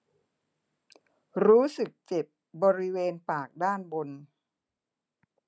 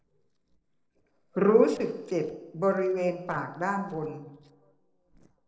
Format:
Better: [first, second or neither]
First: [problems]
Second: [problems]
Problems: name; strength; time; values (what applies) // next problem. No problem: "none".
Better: first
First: none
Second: noise reduction (neural separator model SepFormer DNS4)